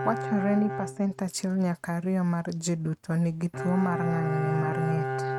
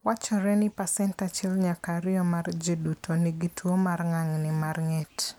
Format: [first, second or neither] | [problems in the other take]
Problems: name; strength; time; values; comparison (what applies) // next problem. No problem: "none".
second | noise reduction (neural mask model RNNoise)